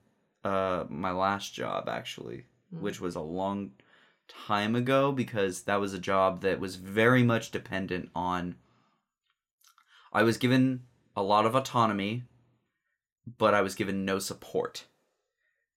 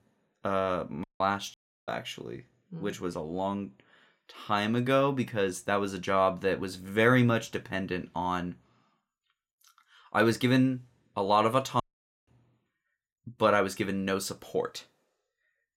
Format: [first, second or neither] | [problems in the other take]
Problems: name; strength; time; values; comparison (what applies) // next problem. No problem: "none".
first | audio cutting out; at 1 s, at 1.5 s and at 12 s